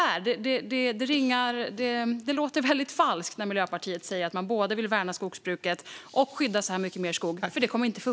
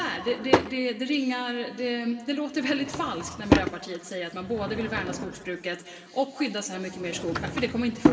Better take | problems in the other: first | background sound (Drawer open or close / Wood); 1 dB below the speech // room echo; dies away in 2.2 s

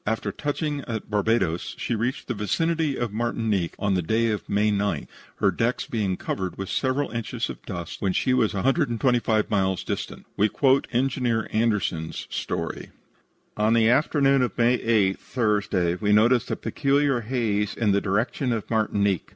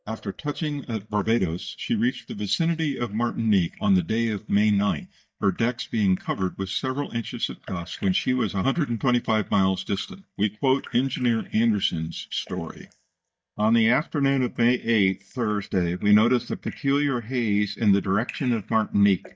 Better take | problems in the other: first | noise reduction (neural mask model DeepFilterNet 3)

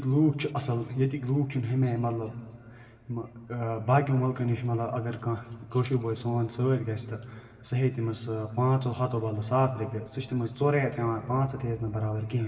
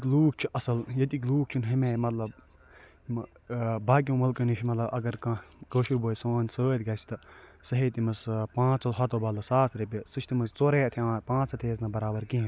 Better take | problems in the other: second | room echo; dies away in 2.3 s

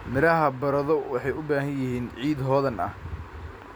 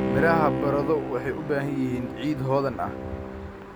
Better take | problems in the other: first | background sound (Bowed string instrument); 3 dB below the speech

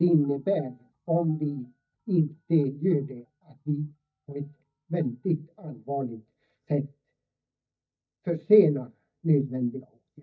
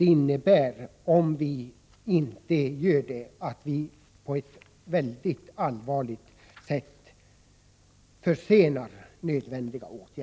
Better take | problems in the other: second | noise reduction (neural mask model DeepFilterNet 3)

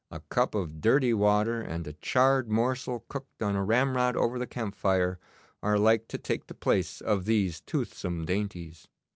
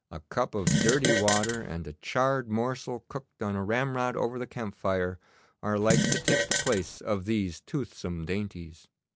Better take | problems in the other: first | background sound (Fart); 2 dB above the speech

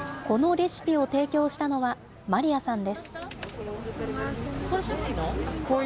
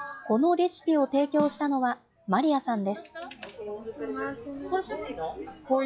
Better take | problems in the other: first | noise reduction (classical method log-MMSE)

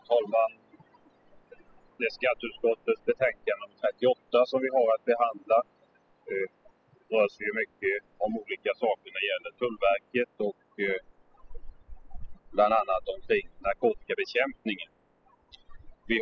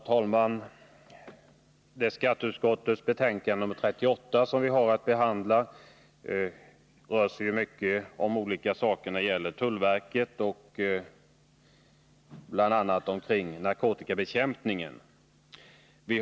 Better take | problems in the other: second | noise reduction (classical method spectral subtraction)

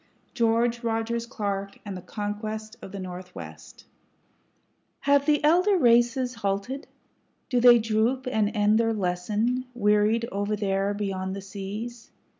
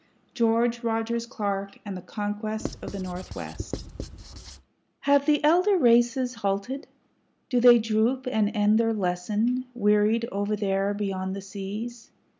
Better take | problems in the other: first | background sound (Writing); 11 dB below the speech

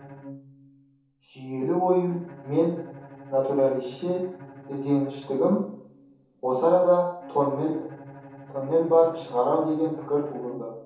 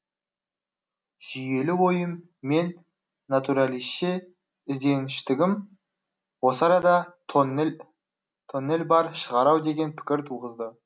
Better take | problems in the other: second | background sound (Bowed string instrument); 19 dB below the speech // room echo; dies away in 0.7 s

